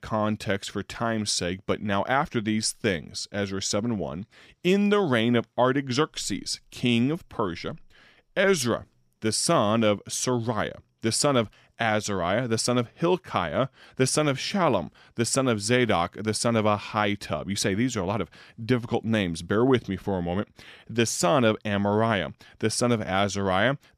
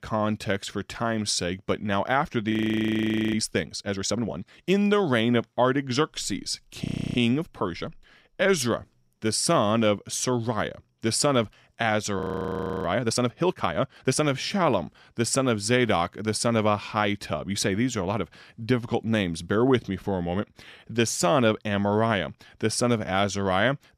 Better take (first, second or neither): first